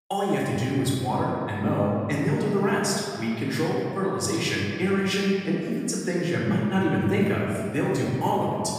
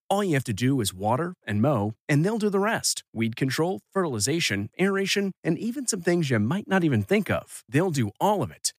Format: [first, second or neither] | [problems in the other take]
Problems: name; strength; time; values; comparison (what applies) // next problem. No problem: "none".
second | off-mic speech; far // room echo; noticeable; dies away in 2.1 s